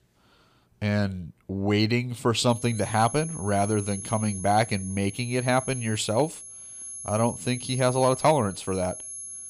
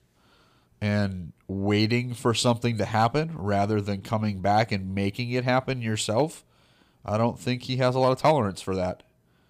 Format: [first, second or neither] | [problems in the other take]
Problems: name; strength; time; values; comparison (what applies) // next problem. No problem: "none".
second | high-pitched whine; noticeable; from 2.5 s on; 11 kHz, 10 dB below the speech